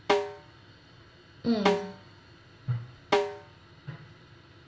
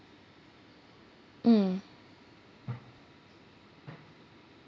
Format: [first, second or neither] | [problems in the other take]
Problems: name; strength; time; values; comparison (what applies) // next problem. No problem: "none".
second | background sound (Snare drum); 4 dB above the speech // room echo; dies away in 0.4 s